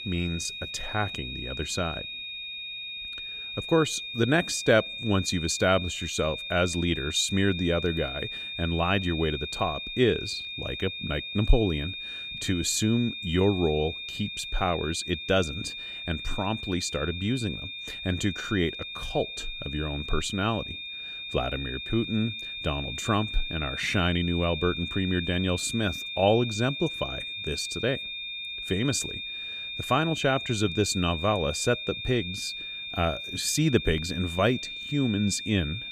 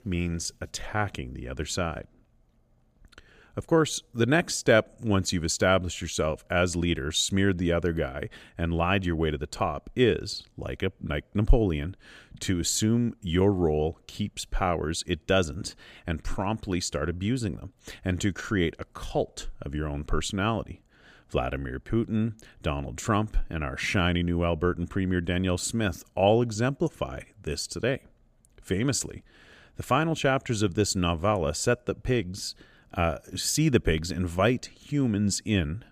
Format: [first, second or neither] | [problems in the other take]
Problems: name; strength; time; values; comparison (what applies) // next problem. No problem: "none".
second | high-pitched whine; loud; throughout; 3.5 kHz, 6 dB below the speech